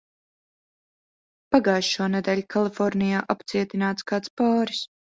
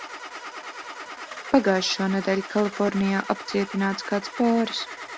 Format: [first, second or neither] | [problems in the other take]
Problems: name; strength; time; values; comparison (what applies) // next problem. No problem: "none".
first | background sound (Engine starting / Car); 12 dB below the speech